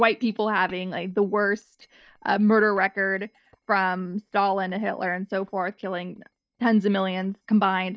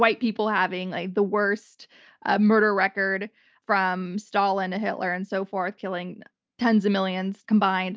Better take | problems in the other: second | noise reduction (neural mask model DeepFilterNet 3)

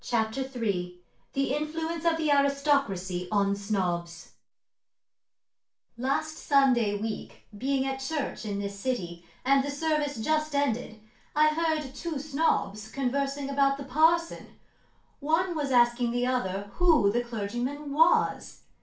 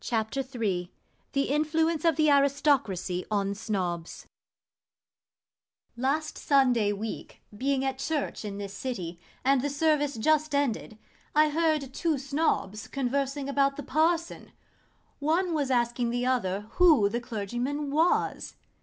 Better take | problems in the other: second | room echo; dies away in 0.3 s

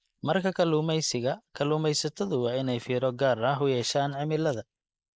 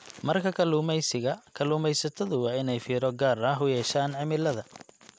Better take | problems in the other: second | noise reduction (neural mask model Resemble Enhance denoiser)

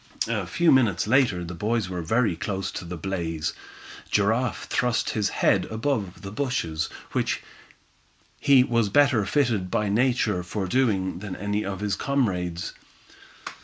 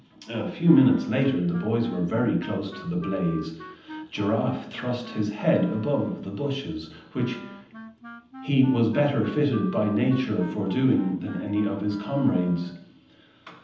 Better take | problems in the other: first | background sound (Wind instrument, woodwind instrument); 17 dB below the speech // room echo; dies away in 0.8 s

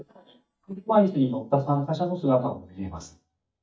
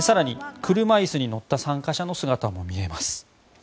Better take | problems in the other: second | noise reduction (neural mask model DeepFilterNet 3)

